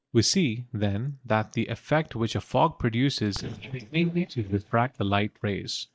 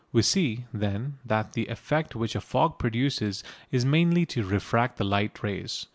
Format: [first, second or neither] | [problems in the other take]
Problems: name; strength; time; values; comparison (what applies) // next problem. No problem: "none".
second | noise reduction (neural mask model DeepFilterNet 3)